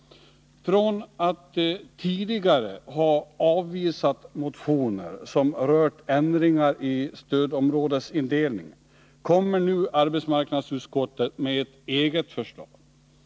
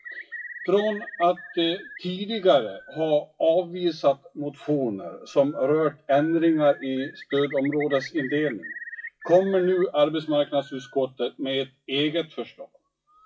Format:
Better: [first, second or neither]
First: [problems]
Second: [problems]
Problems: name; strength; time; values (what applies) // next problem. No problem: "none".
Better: first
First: none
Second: noise reduction (classical method WPE with log-MMSE)